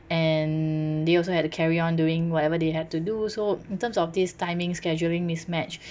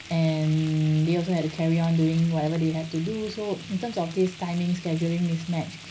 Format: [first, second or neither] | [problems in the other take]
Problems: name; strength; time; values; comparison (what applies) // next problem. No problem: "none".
first | background sound (Frying (food)); 19 dB below the speech // room echo; dies away in 0.4 s